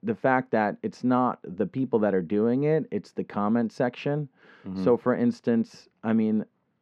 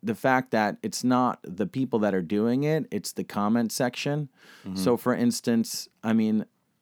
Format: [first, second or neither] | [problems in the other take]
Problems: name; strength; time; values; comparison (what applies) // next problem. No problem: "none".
second | muffled; very; fading above 2 kHz